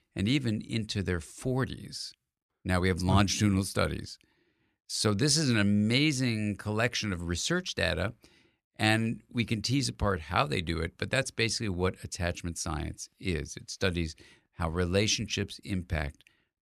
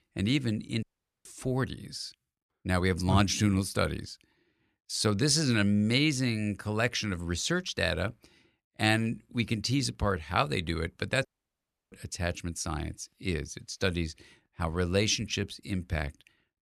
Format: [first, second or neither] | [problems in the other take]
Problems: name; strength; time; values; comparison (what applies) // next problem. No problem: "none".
first | audio cutting out; at 1 s and at 11 s for 0.5 s